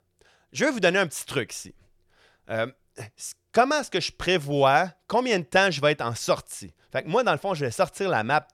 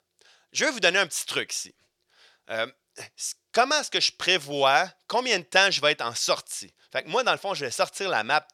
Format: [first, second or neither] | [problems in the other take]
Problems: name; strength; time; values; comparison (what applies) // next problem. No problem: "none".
first | thin; somewhat; fading below 1 kHz